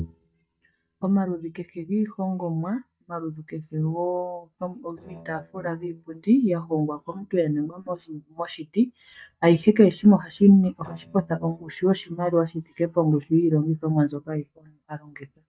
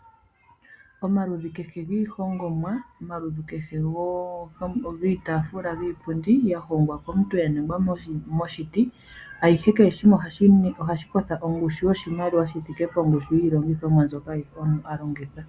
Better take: second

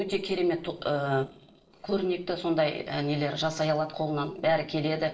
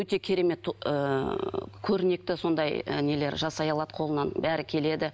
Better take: second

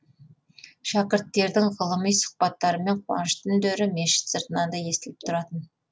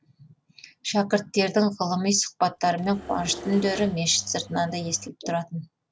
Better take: first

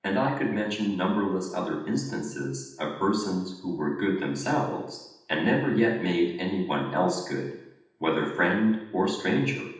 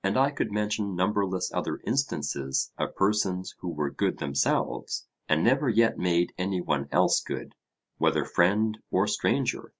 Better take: second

